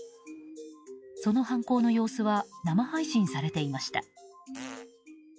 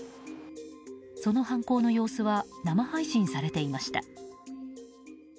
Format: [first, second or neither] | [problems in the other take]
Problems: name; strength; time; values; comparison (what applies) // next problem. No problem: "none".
second | noise reduction (classical method log-MMSE)